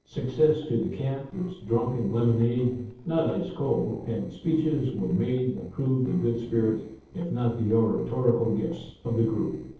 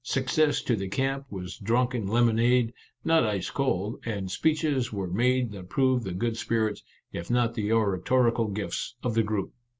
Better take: second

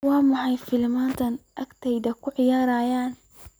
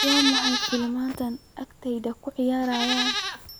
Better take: first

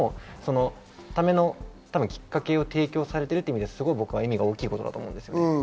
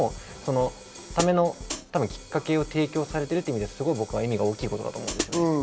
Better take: first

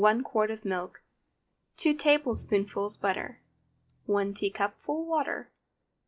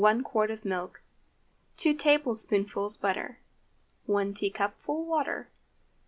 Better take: second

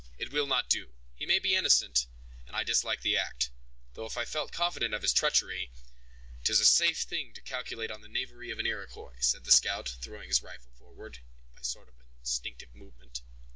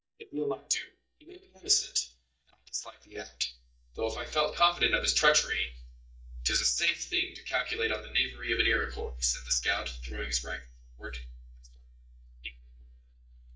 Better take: first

